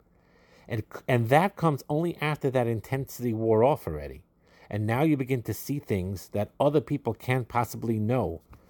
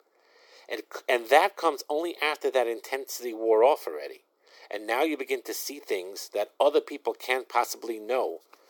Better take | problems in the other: first | thin; very; fading below 350 Hz

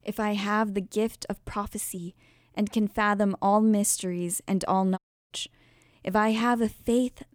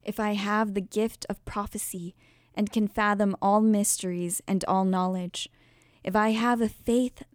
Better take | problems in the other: second | audio cutting out; at 5 s

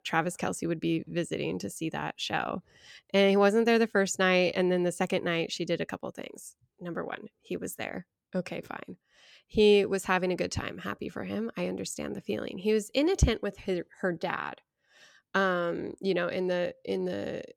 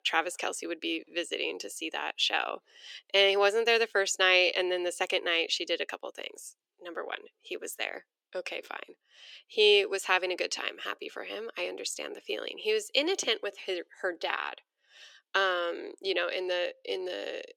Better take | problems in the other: first | thin; very; fading below 350 Hz

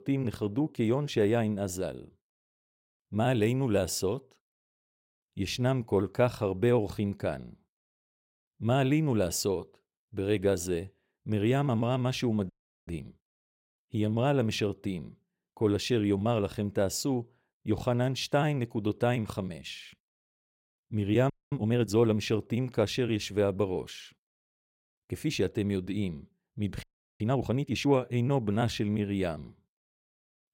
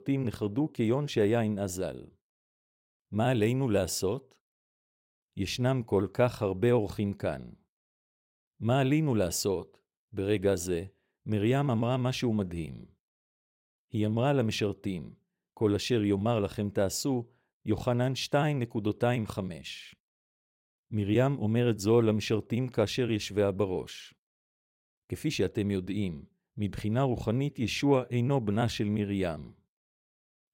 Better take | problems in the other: second | audio freezing; at 13 s, at 21 s and at 27 s

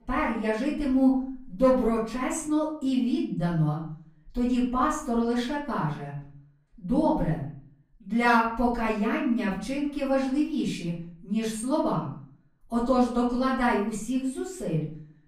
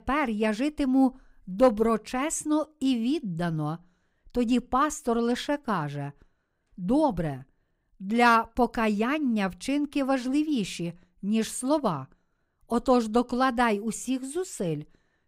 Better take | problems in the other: second | off-mic speech; far // room echo; noticeable; dies away in 0.5 s

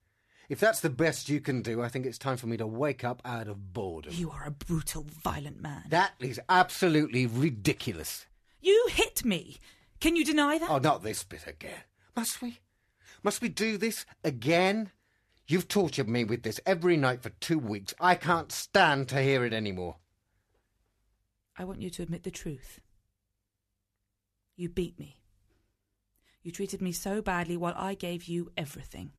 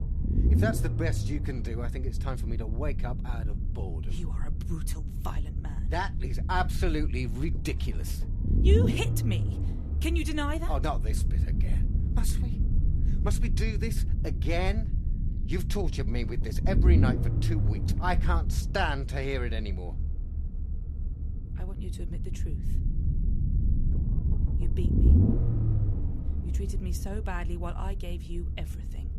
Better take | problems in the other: first | low rumble; loud; throughout; 8 dB below the speech

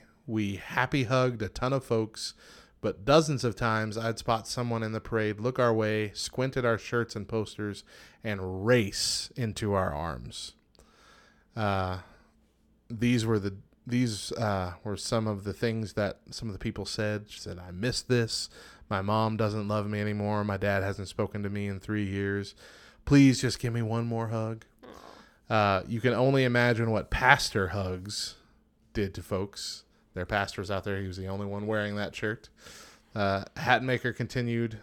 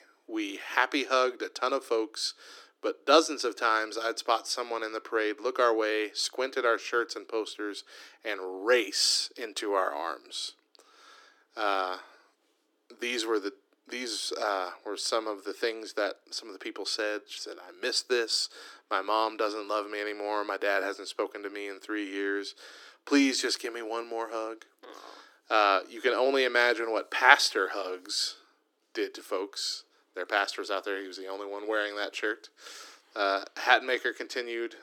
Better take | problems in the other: first | thin; somewhat; fading below 300 Hz

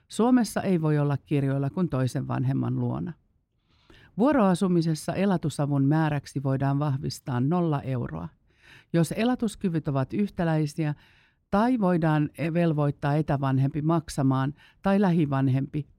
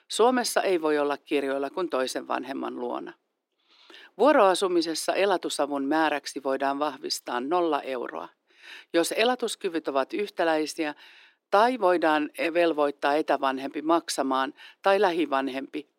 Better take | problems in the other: first | thin; very; fading below 350 Hz

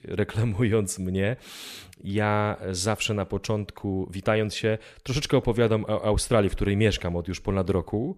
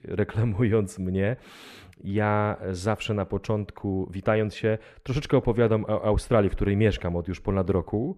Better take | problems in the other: first | muffled; slightly; fading above 3 kHz

